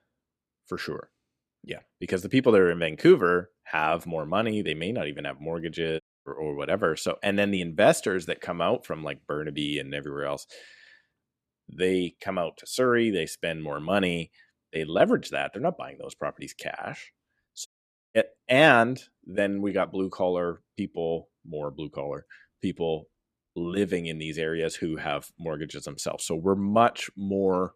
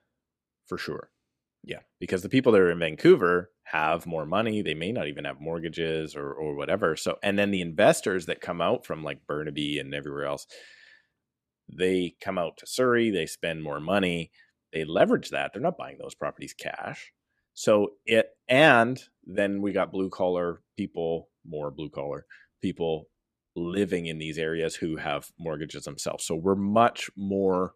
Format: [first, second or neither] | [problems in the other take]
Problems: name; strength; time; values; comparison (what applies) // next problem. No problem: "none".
second | audio cutting out; at 6 s and at 18 s